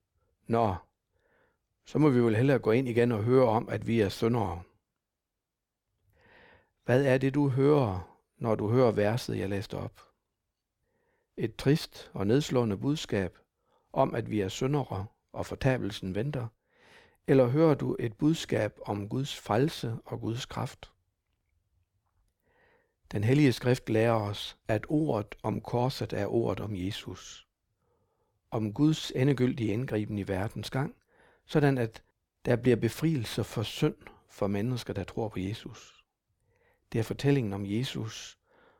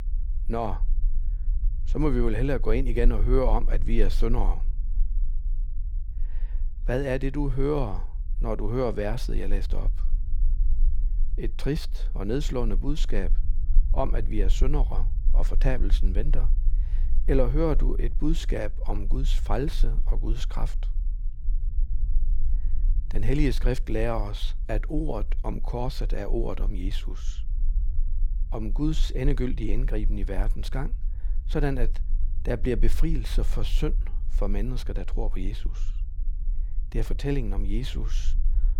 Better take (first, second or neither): first